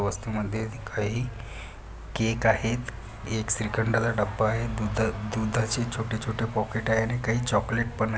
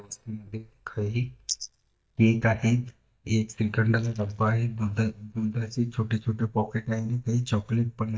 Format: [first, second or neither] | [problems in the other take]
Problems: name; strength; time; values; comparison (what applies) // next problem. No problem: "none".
first | noise reduction (neural mask model DeepFilterNet 3)